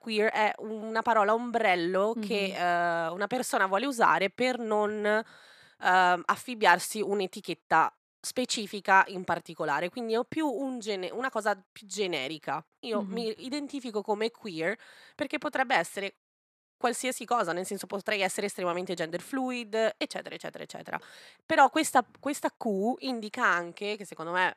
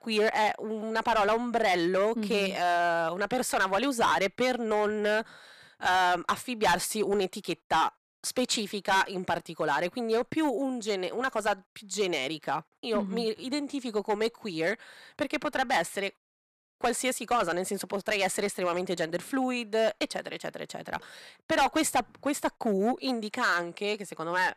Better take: first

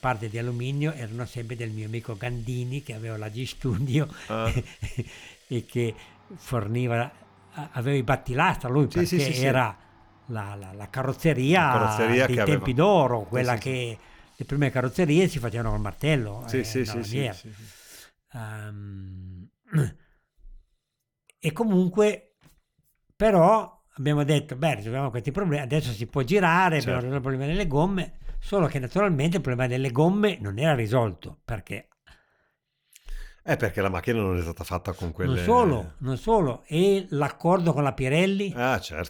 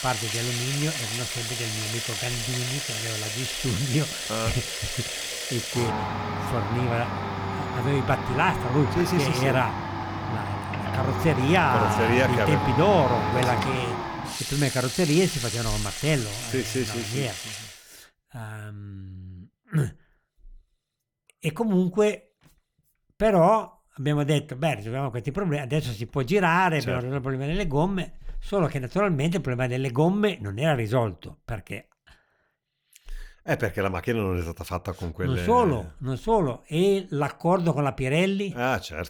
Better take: first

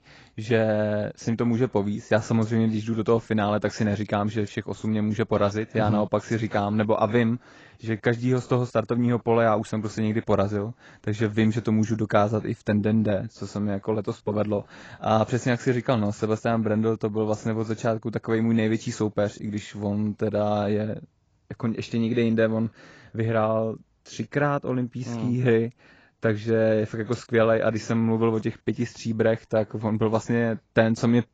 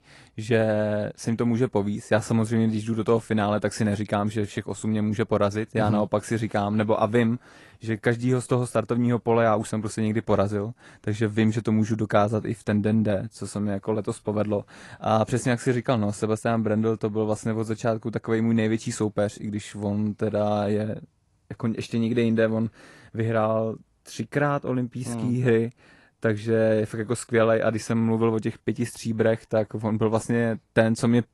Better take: second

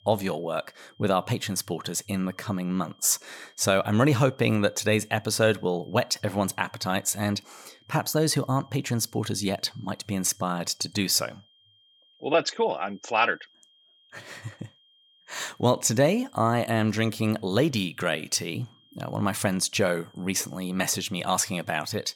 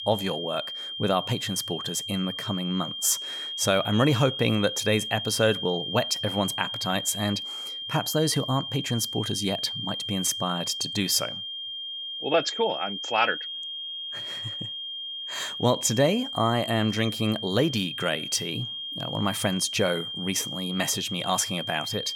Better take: first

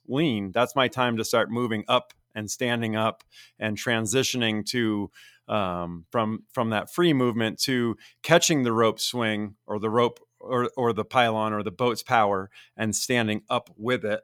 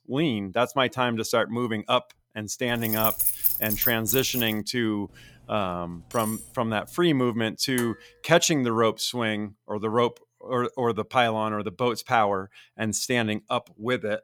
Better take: first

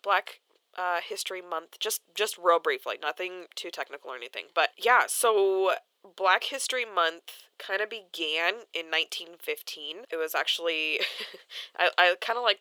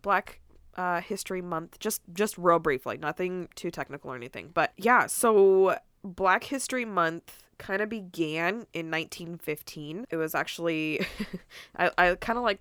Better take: second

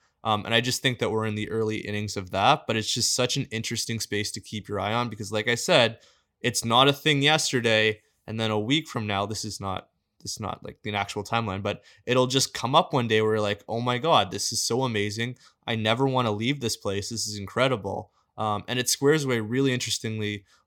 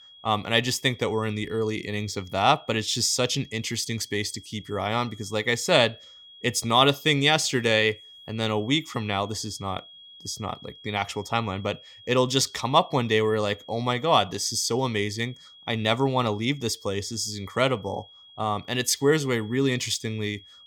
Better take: first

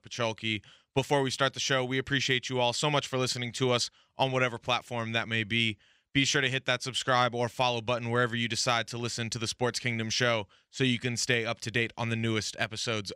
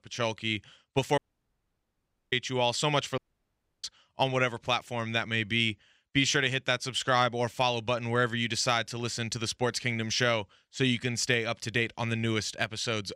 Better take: first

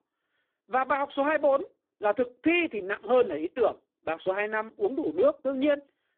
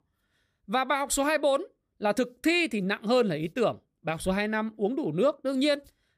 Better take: second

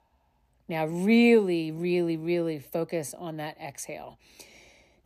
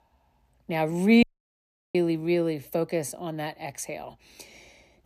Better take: first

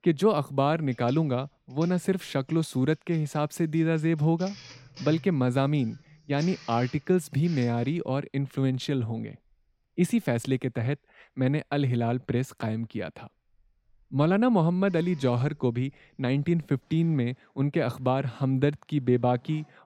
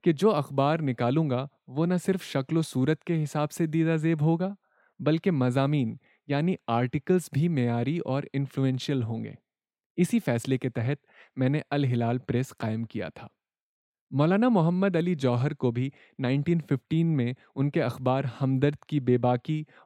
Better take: second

